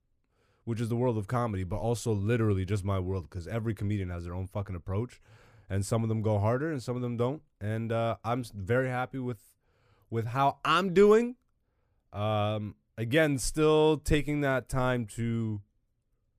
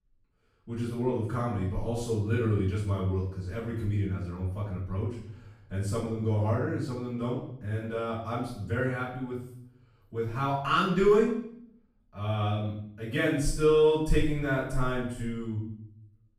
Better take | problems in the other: first | off-mic speech; far // room echo; noticeable; dies away in 0.6 s

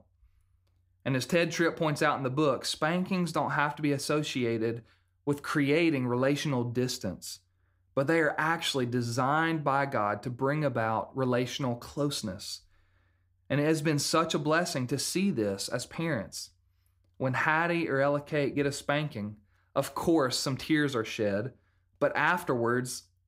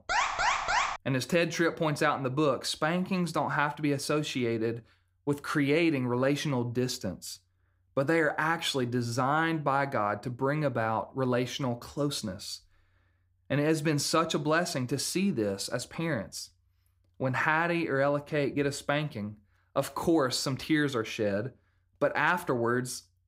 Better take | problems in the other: first | alarm; loud; at the start; peak 3 dB above the speech

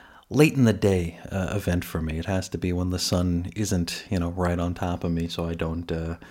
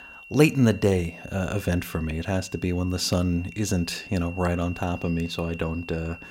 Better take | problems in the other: first | high-pitched whine; noticeable; throughout; 2.5 kHz, 15 dB below the speech

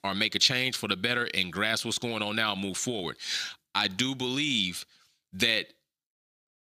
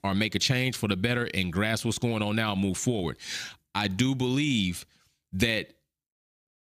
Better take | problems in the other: second | thin; very slightly; fading below 700 Hz

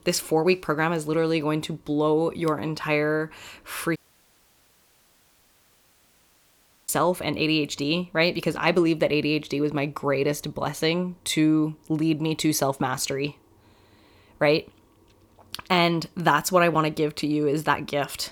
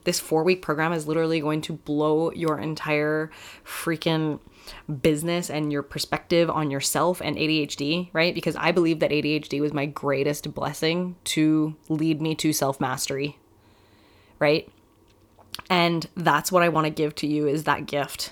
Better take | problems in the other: second | audio cutting out; at 4 s for 3 s

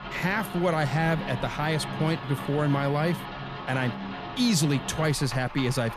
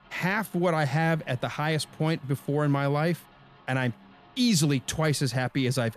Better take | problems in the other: second | rain or running water; loud; throughout; 9 dB below the speech; faint in the second

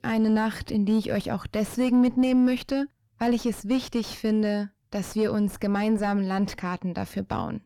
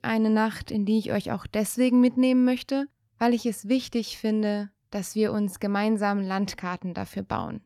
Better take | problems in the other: second | distortion; slight; 9 dB below the speech

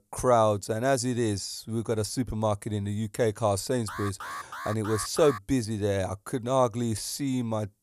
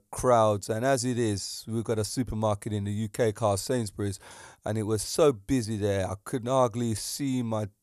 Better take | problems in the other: second | alarm; noticeable; from 4 to 5.5 s; peak 9 dB below the speech

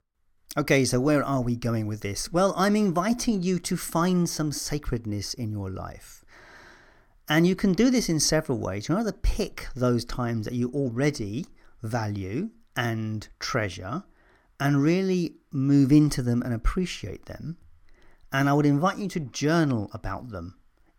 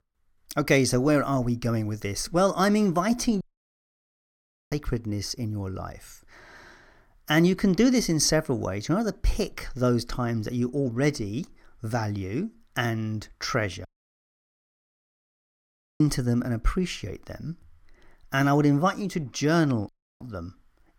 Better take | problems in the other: first | audio cutting out; at 3.5 s for 1.5 s, at 14 s for 2 s and at 20 s

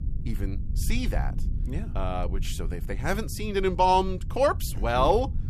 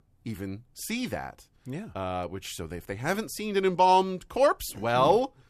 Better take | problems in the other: second | low rumble; faint; throughout; 25 dB below the speech

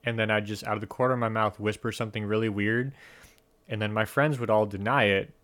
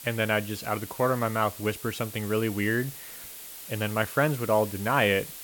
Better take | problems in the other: first | hiss; noticeable; throughout; 10 dB below the speech

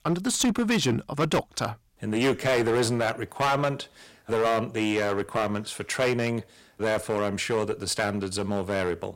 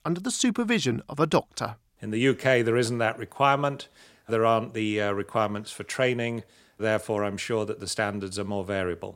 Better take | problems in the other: second | distortion; heavy; 10% of the sound clipped

